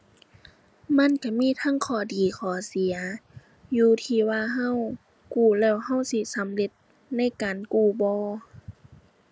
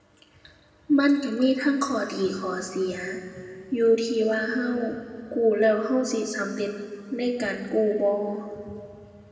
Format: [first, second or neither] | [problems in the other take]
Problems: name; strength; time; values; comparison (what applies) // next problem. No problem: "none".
first | room echo; dies away in 2 s